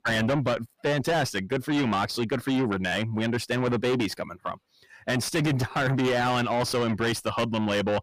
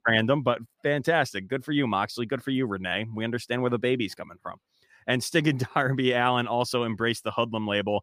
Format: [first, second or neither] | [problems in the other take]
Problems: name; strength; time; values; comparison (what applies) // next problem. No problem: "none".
second | distortion; heavy; 6 dB below the speech